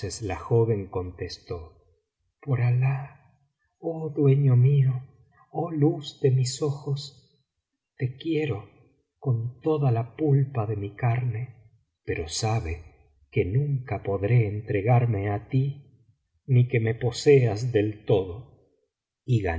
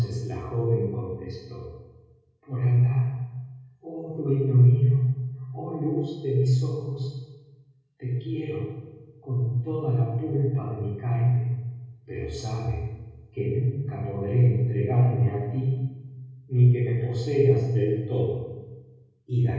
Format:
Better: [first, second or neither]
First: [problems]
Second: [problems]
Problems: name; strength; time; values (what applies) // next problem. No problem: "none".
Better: first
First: none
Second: room echo; dies away in 1.3 s